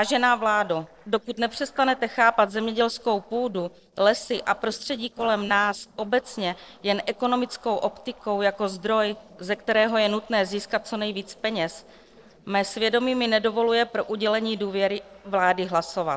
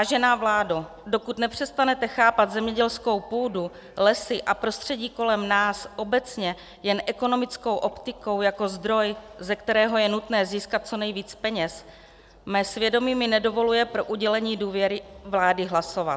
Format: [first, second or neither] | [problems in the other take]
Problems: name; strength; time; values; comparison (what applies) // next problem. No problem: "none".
second | noise reduction (neural separator model SepFormer DNS4)